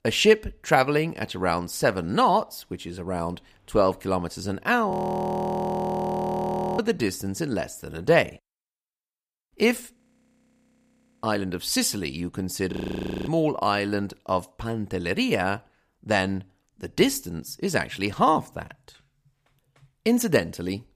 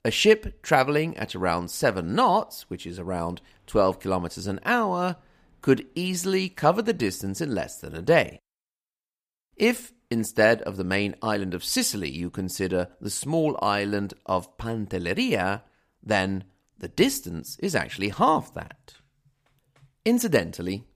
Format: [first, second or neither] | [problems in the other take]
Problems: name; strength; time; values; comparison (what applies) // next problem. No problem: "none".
second | audio freezing; at 5 s for 2 s, at 10 s for 1.5 s and at 13 s for 0.5 s